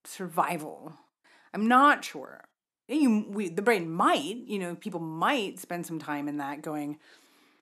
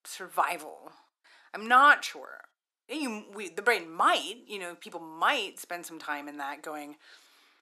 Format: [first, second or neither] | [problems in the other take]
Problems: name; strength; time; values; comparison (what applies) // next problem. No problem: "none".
first | thin; somewhat; fading below 500 Hz